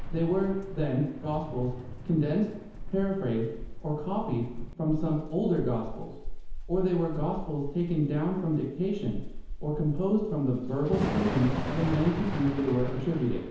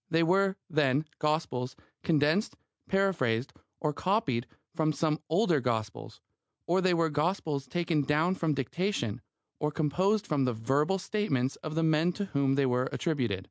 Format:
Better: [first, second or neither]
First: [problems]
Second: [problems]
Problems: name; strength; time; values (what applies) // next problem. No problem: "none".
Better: second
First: background sound (Thunder / Rain); 6 dB below the speech // room echo; dies away in 1 s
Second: none